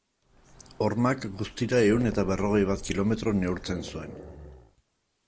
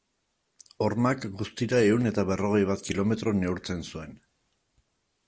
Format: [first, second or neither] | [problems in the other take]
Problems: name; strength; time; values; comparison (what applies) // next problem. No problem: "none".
second | background sound (Growling + Bird); 15 dB below the speech